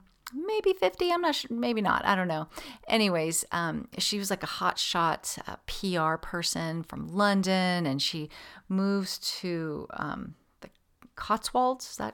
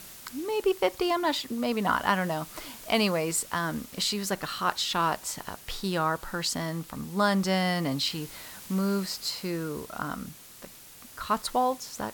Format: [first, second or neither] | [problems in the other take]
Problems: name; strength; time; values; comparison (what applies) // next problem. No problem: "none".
first | hiss; noticeable; throughout; 15 dB below the speech